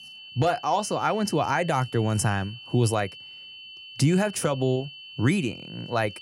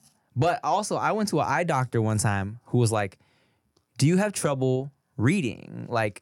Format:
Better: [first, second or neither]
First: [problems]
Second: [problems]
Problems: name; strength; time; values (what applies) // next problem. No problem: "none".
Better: second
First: high-pitched whine; noticeable; throughout; 3 kHz, 15 dB below the speech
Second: none